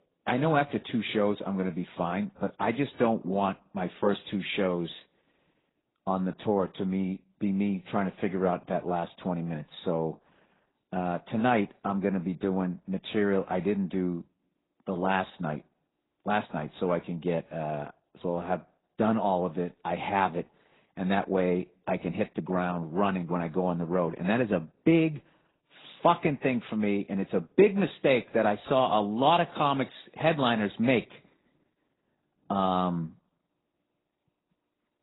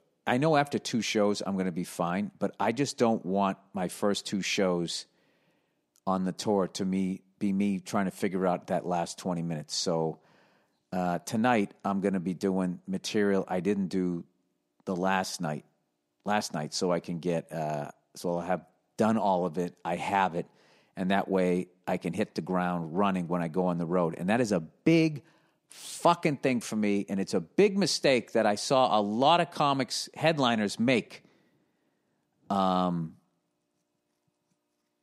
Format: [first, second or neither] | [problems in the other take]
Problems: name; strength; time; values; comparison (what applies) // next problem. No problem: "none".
second | garbled, watery; badly; nothing above 4 kHz